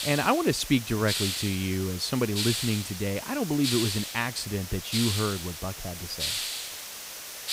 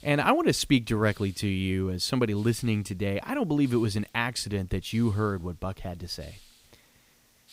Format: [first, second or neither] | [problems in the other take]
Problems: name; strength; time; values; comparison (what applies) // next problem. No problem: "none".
second | hiss; loud; throughout; 3 dB below the speech; faint in the second